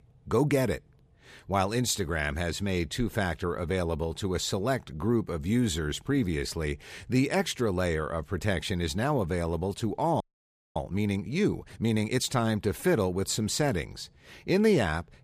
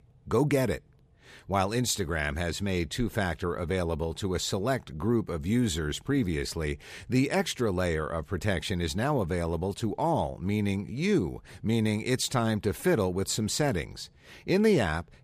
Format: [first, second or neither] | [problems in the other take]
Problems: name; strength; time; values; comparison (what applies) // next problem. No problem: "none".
second | audio freezing; at 10 s for 0.5 s